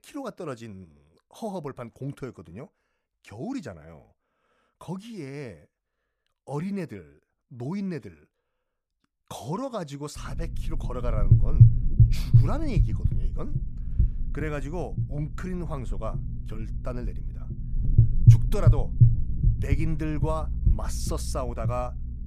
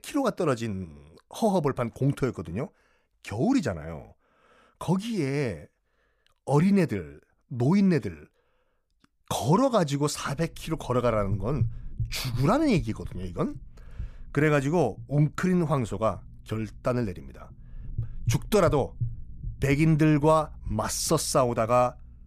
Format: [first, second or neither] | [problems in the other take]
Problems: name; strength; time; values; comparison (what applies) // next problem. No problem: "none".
second | low rumble; loud; from 10 s on; as loud as the speech; faint in the second